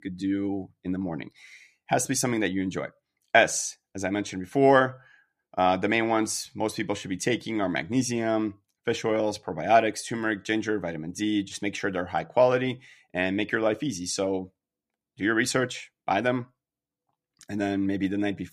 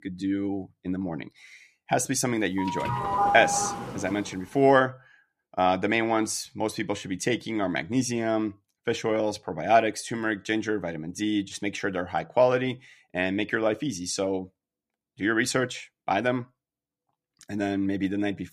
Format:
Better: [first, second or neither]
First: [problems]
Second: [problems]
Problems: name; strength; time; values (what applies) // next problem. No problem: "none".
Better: first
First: none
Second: doorbell; loud; from 2.5 to 4 s; peak 3 dB above the speech